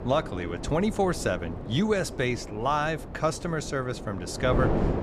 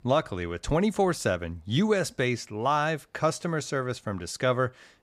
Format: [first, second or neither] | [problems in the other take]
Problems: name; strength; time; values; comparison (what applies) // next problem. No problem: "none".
second | wind noise on the microphone; heavy; 9 dB below the speech